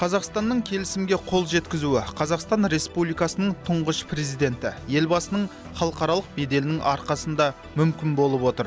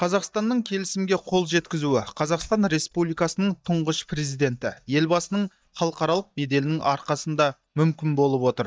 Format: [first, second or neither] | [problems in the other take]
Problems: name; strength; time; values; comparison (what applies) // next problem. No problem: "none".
first | noise reduction (neural mask model DeepFilterNet 3)